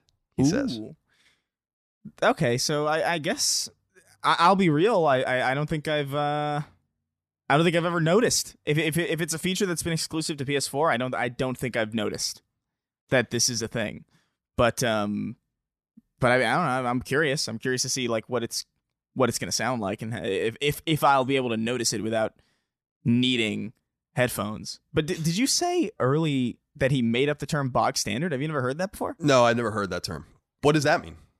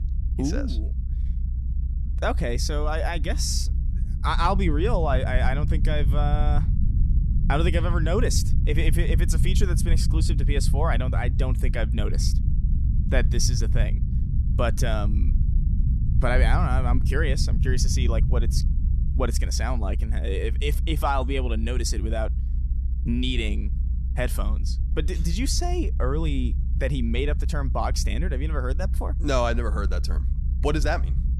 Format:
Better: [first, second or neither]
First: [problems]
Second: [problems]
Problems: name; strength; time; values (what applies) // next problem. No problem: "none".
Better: first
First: none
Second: low rumble; noticeable; throughout; 15 dB below the speech